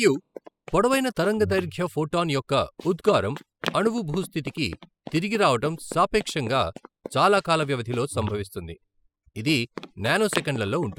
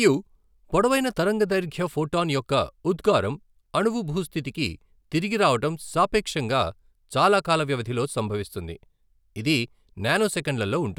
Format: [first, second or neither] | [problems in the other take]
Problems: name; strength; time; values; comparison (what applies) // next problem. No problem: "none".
second | noise reduction (classical method spectral subtraction)